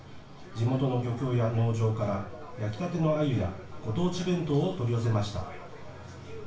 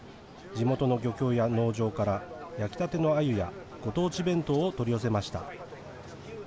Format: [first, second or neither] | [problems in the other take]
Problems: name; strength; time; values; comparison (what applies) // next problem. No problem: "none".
second | room echo; dies away in 0.3 s